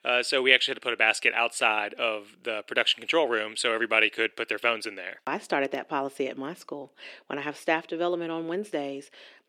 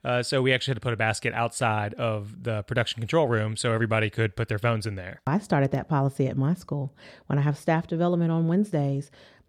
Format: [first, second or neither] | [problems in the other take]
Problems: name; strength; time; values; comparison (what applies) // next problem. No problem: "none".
second | thin; very; fading below 300 Hz